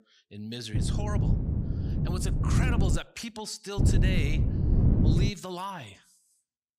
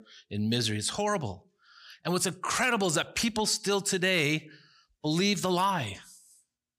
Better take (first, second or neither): second